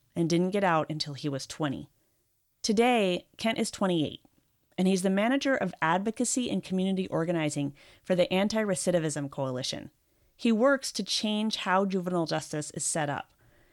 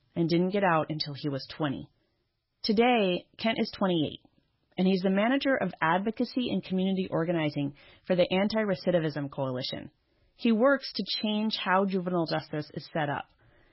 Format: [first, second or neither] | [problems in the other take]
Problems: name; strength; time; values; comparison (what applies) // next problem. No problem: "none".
first | garbled, watery; badly; nothing above 5.5 kHz